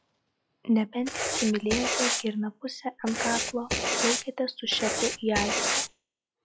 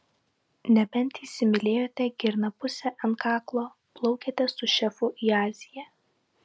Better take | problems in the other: second | noise reduction (classical method log-MMSE)

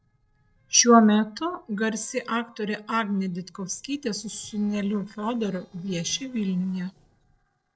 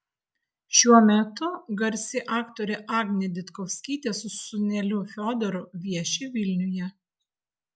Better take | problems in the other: second | noise reduction (neural separator model SepFormer DNS4)

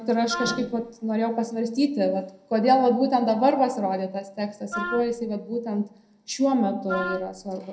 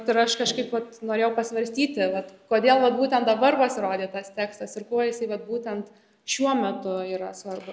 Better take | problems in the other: second | background sound (Wind instrument, woodwind instrument); 9 dB below the speech // room echo; dies away in 0.2 s

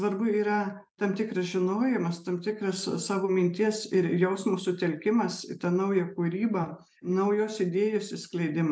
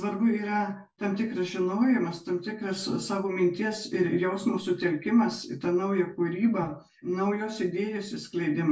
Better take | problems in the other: first | room echo; dies away in 0.1 s

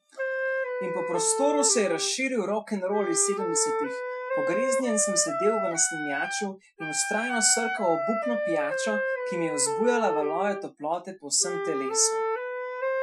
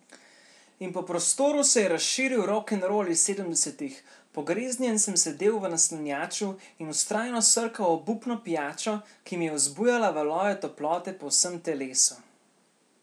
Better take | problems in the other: second | noise reduction (classical method Wiener filter)

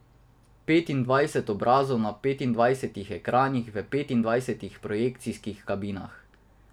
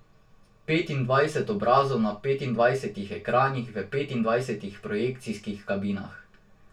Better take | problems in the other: first | room echo; dies away in 0.2 s

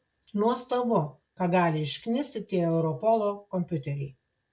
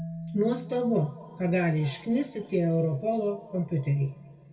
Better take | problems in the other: first | background sound (Marimba, xylophone); 16 dB below the speech // room echo; dies away in 1.6 s

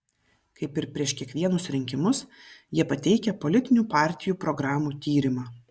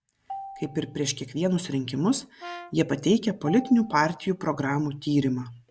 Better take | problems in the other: first | background sound (Brass instrument + Marimba, xylophone); 18 dB below the speech

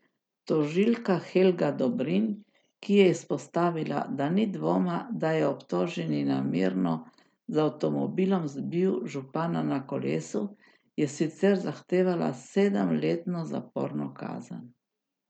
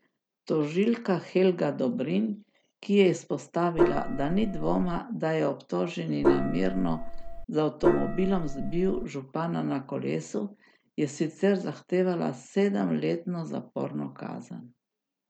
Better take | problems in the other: first | background sound (Gong); as loud as the speech

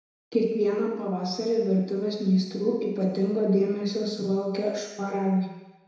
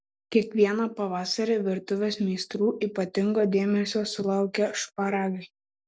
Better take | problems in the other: second | room echo; dies away in 1 s

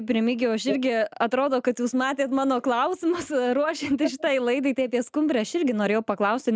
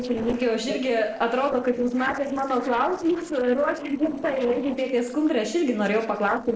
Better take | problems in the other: first | noise reduction (neural separator model SepFormer DNS4)

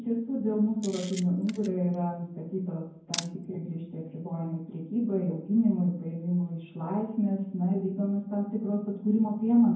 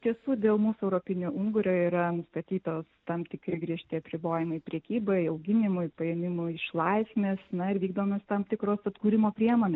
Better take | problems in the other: second | background sound (Camera); 16 dB below the speech // room echo; dies away in 0.9 s

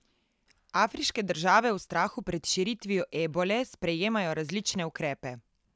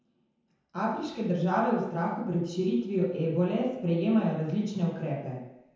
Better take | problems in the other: first | room echo; dies away in 0.9 s

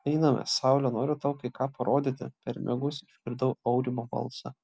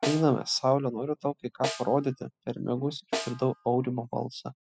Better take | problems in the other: first | noise reduction (classical method spectral subtraction)

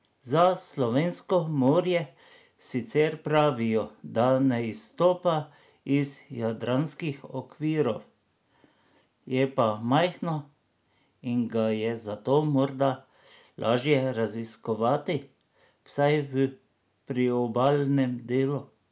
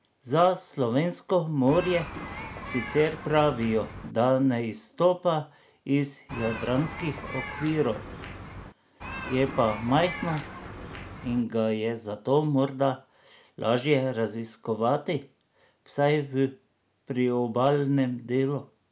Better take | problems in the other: first | background sound (Human group actions); 11 dB below the speech

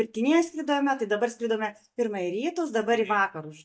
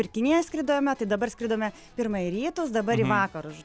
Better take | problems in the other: second | noise reduction (neural mask model DeepFilterNet 3)

